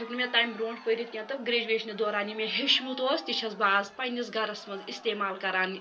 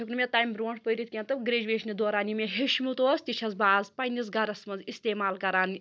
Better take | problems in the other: second | background sound (Crowd); 18 dB below the speech // room echo; dies away in 0.2 s

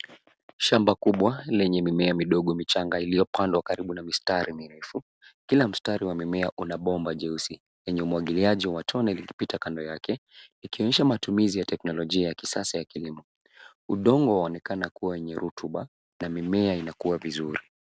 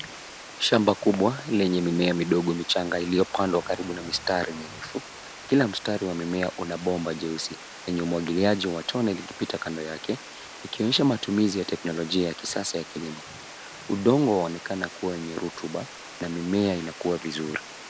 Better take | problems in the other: first | background sound (Water); 15 dB below the speech

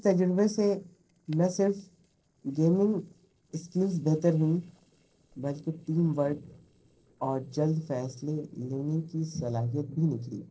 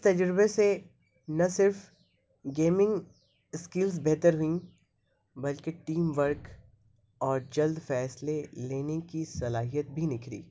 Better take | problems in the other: second | noise reduction (neural separator model SepFormer DNS4)

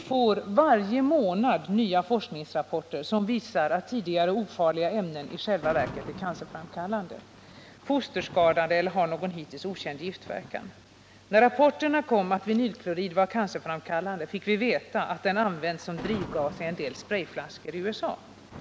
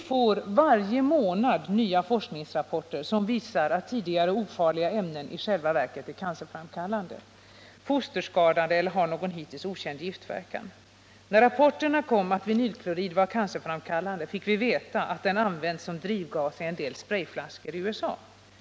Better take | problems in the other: second | background sound (Thunder); 20 dB below the speech

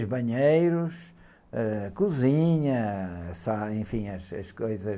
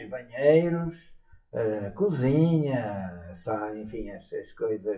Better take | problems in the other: first | noise reduction (classical method WPE with log-MMSE)

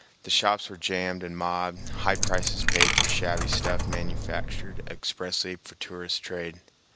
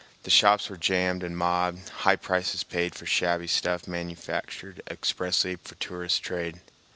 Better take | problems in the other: second | background sound (Coin (dropping)); 5 dB above the speech

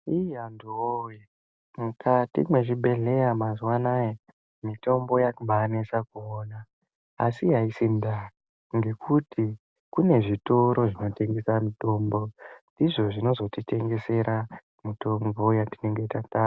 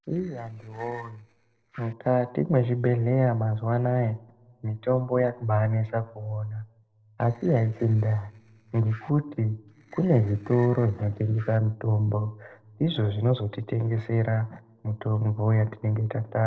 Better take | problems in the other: first | noise reduction (neural separator model SepFormer DNS4)

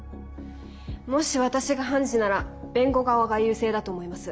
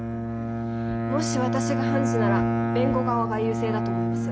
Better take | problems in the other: first | background sound (Bowed string instrument); 4 dB above the speech

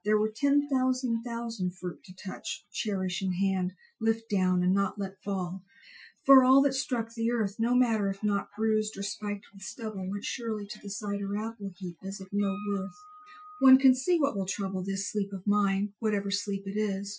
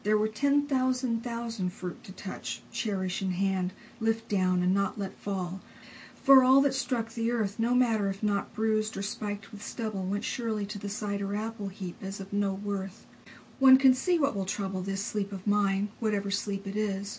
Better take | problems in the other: second | noise reduction (classical method Wiener filter)

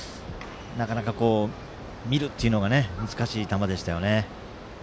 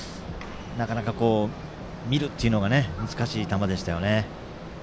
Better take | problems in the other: first | background sound (Race car, auto racing); 12 dB below the speech

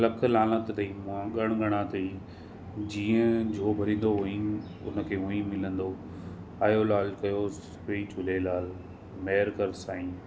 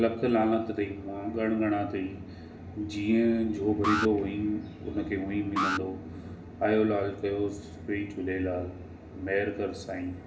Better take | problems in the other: first | background sound (Alarm); 7 dB below the speech // room echo; dies away in 0.9 s

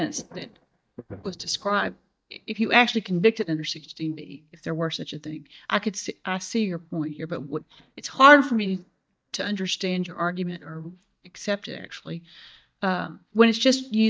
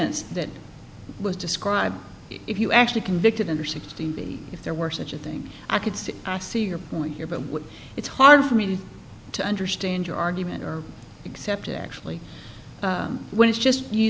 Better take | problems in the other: second | noise reduction (neural mask model DeepFilterNet 3)

